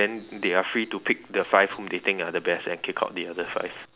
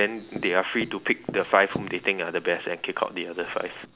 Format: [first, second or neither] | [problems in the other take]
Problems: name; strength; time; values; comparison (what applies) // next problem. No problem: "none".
first | background sound (Tap); 15 dB below the speech